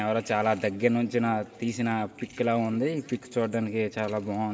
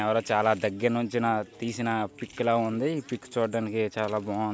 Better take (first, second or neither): second